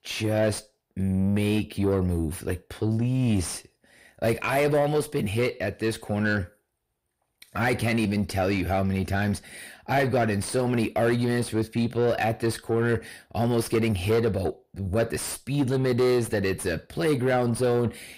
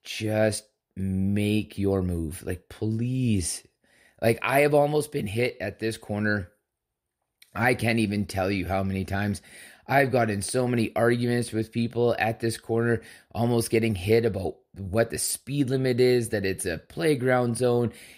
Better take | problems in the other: second | distortion; slight; 10 dB below the speech

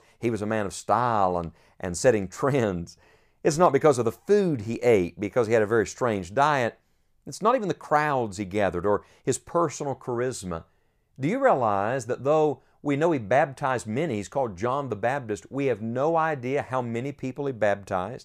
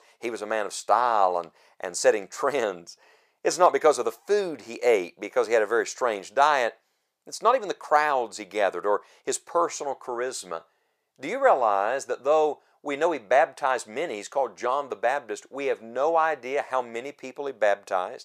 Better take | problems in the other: first | thin; very; fading below 550 Hz

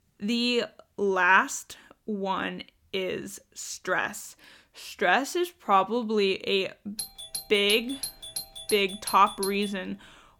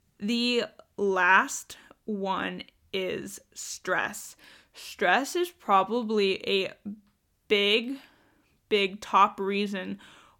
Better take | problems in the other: second | doorbell; noticeable; from 7 to 9.5 s; peak 7 dB below the speech

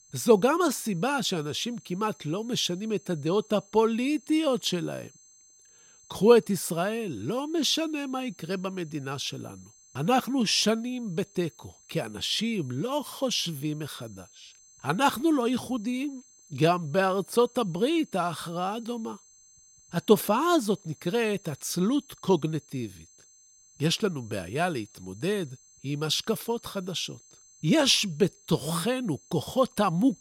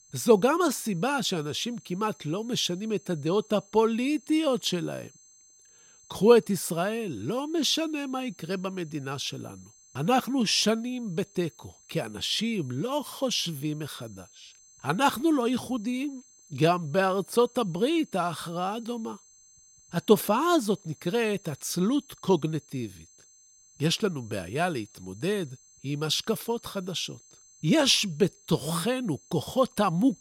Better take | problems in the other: neither | high-pitched whine; faint; throughout; 6.5 kHz, 25 dB below the speech; the same in both

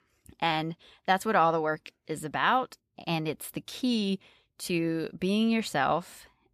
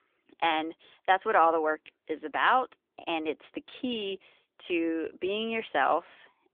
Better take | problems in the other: first | phone-call audio; nothing above 3.5 kHz

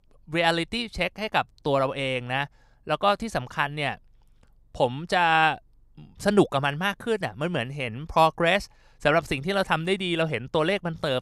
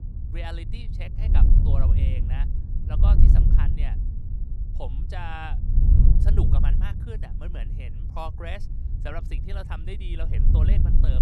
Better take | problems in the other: first | wind noise on the microphone; heavy; 2 dB below the speech

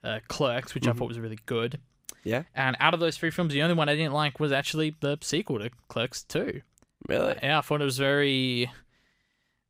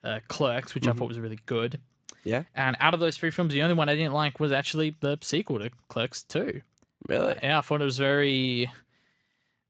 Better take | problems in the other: first | garbled, watery; slightly; nothing above 7.5 kHz

